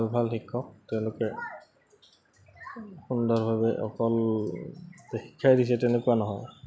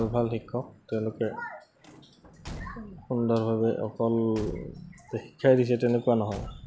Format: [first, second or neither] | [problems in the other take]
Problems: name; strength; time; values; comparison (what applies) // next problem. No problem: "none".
first | background sound (Slam / Truck / Car); 18 dB below the speech